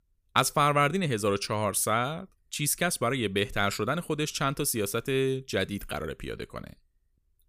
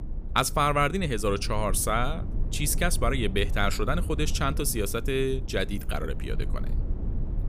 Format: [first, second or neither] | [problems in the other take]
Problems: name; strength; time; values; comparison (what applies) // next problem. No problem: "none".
first | low rumble; noticeable; throughout; 20 dB below the speech